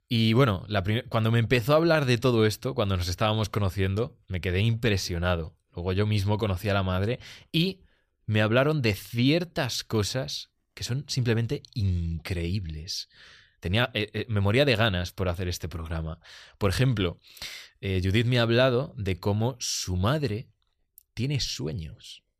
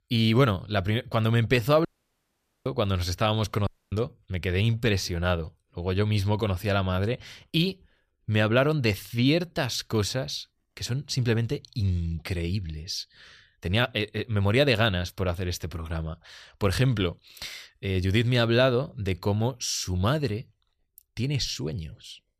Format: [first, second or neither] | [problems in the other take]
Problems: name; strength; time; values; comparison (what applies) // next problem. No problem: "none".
first | audio cutting out; at 2 s for 1 s and at 3.5 s